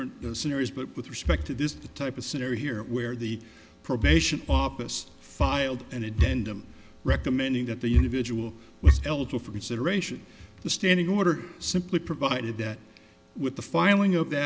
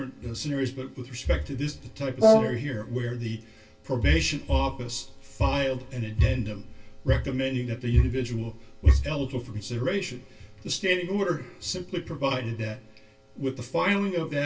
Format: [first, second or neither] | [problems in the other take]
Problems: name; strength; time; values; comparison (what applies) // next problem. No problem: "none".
first | background sound (Brass instrument); 3 dB above the speech // room echo; dies away in 0.2 s